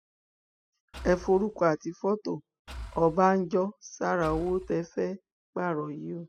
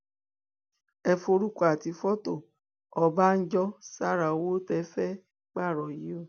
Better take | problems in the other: second | noise reduction (classical method spectral subtraction)

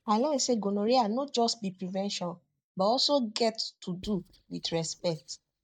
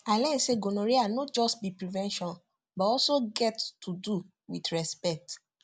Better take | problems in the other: second | noise reduction (neural mask model DeepFilterNet 3)

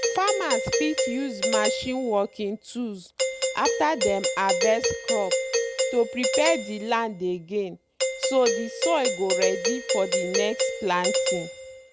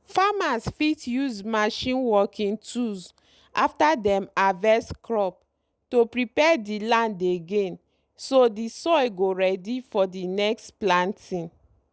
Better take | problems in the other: second | background sound (Doorbell); as loud as the speech

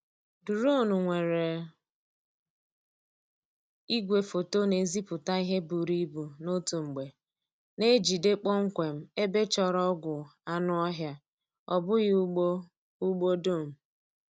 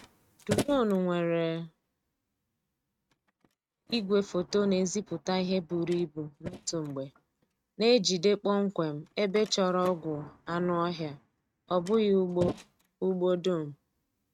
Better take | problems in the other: first | noise reduction (neural mask model RNNoise)

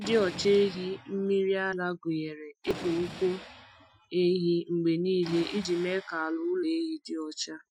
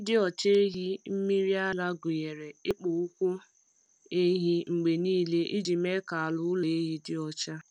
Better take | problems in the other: second | noise reduction (classical method Wiener filter)

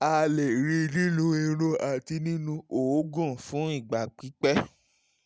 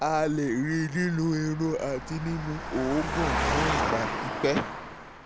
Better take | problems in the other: first | background sound (Engine); 4 dB below the speech

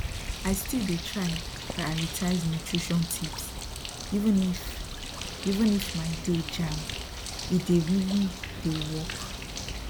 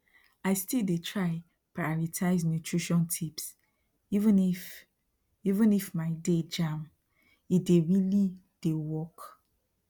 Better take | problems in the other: second | background sound (Bird); 6 dB below the speech

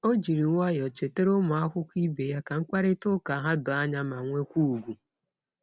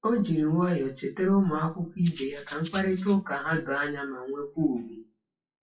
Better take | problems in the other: first | noise reduction (classical method WPE with log-MMSE)

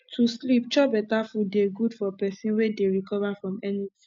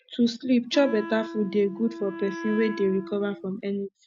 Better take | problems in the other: first | background sound (Wind instrument, woodwind instrument); 11 dB below the speech

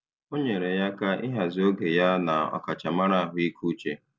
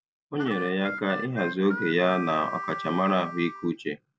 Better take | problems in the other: first | background sound (Harmonica); 9 dB below the speech

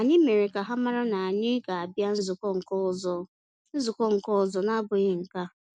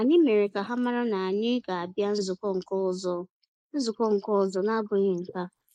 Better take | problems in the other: first | noise reduction (neural mask model Resemble Enhance denoiser)

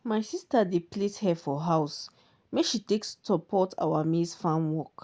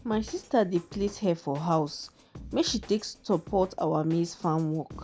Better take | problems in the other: first | background sound (Drum kit); 19 dB below the speech

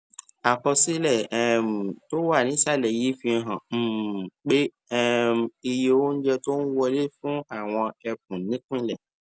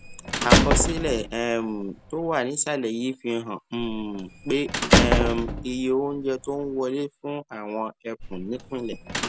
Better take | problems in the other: first | background sound (Squeak / Slam / Human group actions); 1 dB above the speech

